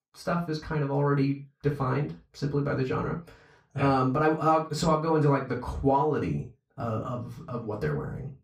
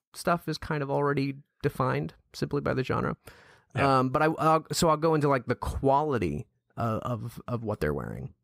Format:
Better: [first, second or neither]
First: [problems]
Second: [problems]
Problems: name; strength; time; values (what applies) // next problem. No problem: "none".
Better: second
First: room echo; slight; dies away in 0.2 s // off-mic speech; far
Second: none